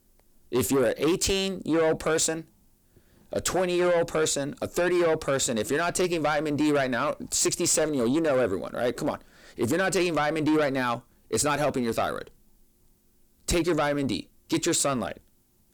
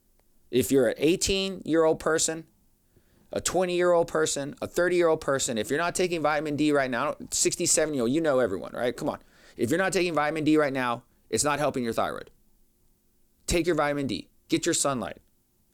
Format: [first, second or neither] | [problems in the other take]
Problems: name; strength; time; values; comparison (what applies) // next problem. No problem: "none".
second | distortion; slight; 10 dB below the speech